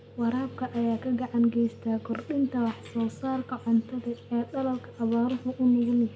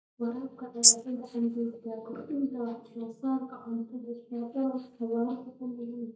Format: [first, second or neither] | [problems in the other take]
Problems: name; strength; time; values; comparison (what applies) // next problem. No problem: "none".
first | noise reduction (neural mask model DeepFilterNet 3)